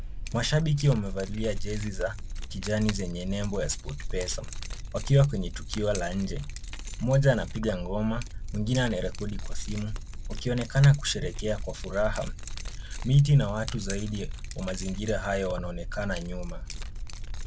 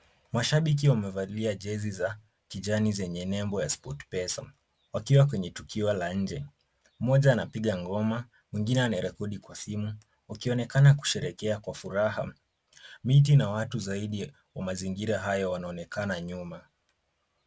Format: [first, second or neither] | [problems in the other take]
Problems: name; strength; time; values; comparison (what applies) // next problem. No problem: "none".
second | background sound (Keys jangling); 5 dB below the speech